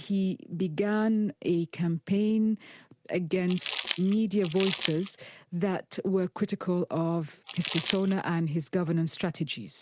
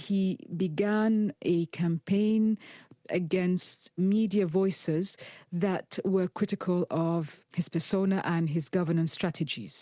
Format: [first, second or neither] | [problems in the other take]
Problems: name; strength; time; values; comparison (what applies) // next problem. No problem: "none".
second | background sound (Crumpling, crinkling); 8 dB below the speech